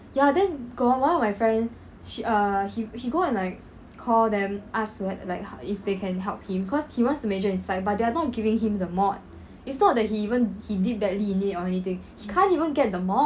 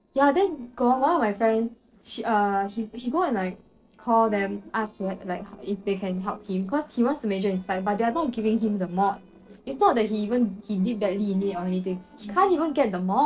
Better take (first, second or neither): first